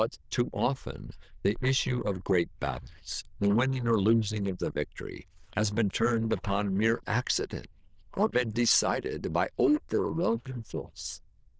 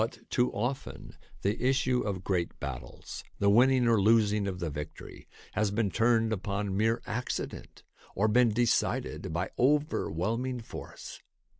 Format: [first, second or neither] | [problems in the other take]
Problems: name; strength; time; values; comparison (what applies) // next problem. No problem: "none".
second | noise reduction (neural diffusion model UNIVERSE++)